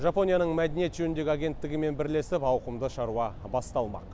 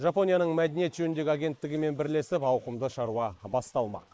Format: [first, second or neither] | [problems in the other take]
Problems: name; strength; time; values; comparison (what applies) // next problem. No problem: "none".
first | noise reduction (neural mask model Resemble Enhance denoiser)